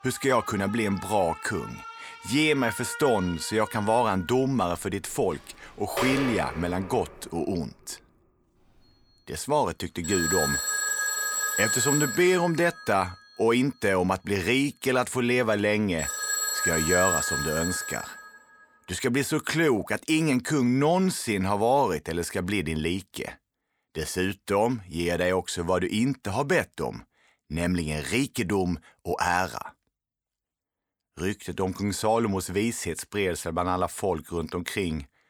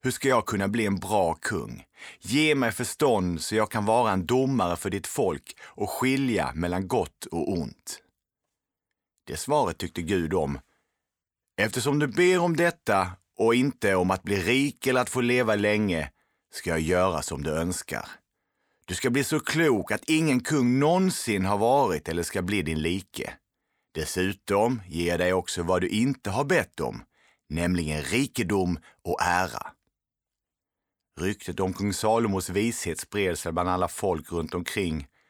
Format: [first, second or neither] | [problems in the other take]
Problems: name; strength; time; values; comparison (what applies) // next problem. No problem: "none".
second | alarms or sirens; loud; until 18 s; 2 dB below the speech